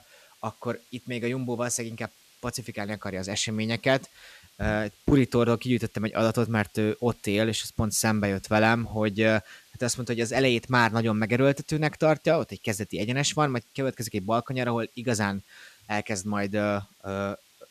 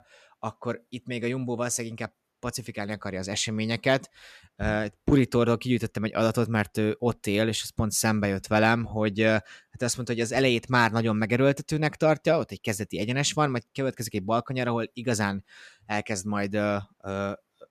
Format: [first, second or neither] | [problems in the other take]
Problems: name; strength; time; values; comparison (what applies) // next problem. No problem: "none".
second | hiss; faint; throughout; 30 dB below the speech